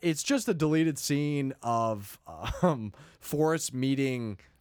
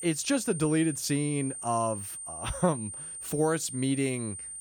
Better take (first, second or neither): first